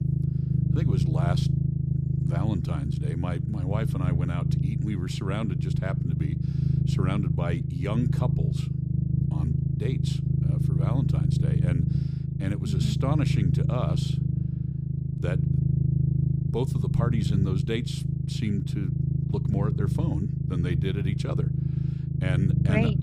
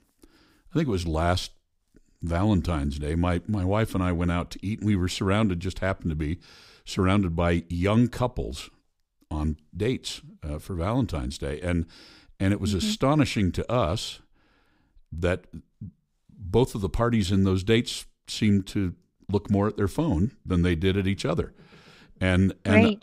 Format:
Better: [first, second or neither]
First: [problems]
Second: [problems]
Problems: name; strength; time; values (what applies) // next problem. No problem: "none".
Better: second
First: low rumble; loud; throughout; as loud as the speech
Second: none